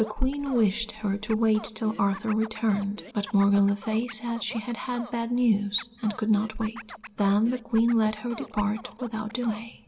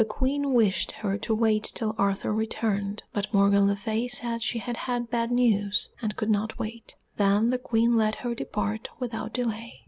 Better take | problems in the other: second | background sound (Scratching (performance technique)); 19 dB below the speech // room echo; dies away in 0.3 s

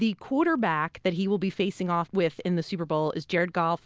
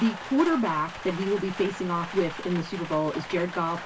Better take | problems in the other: first | background sound (Rain); 12 dB below the speech // room echo; dies away in 0.2 s

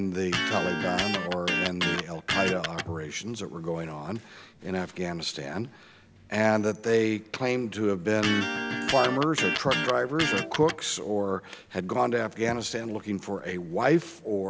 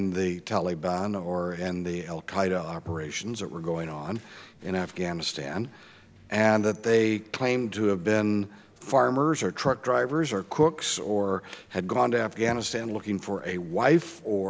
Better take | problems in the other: second | background sound (Electric guitar); 2 dB below the speech

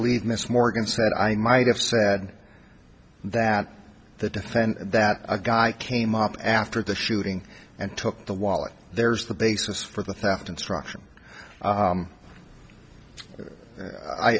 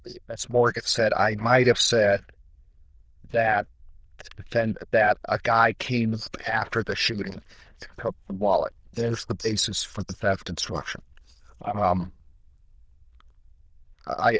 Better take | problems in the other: first | noise reduction (neural diffusion model UNIVERSE++)

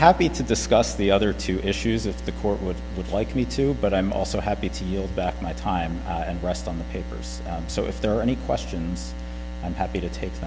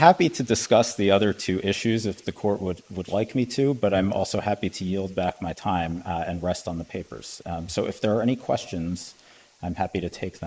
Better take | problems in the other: first | noise reduction (neural mask model Resemble Enhance denoiser)

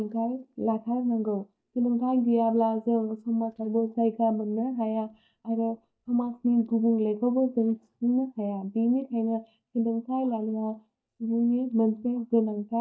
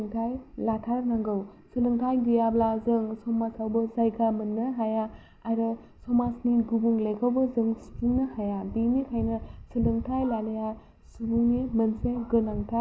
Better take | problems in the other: second | noise reduction (neural mask model DeepFilterNet 3)

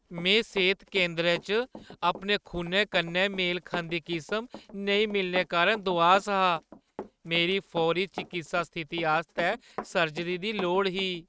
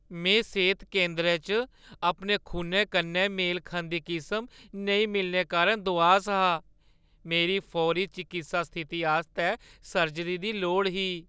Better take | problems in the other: second | noise reduction (neural mask model RNNoise)

